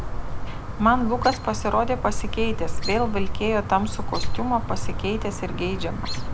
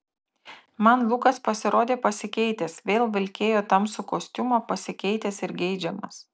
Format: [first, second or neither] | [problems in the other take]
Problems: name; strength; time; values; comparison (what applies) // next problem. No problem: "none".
second | background sound (Chirp, tweet); as loud as the speech